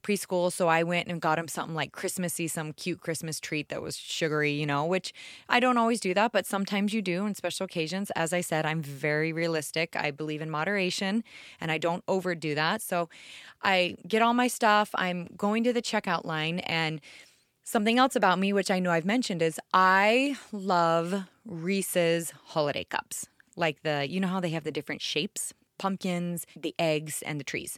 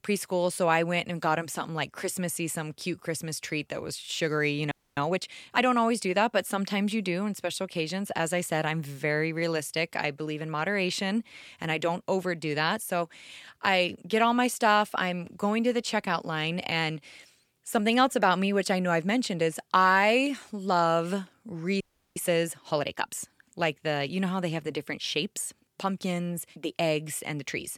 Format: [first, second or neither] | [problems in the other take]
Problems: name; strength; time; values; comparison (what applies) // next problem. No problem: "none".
first | audio freezing; at 4.5 s and at 22 s